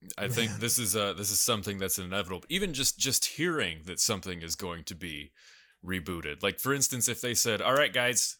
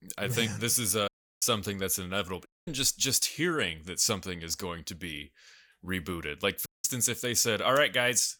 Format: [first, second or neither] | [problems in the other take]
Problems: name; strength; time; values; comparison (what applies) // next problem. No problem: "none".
first | audio cutting out; at 1 s, at 2.5 s and at 6.5 s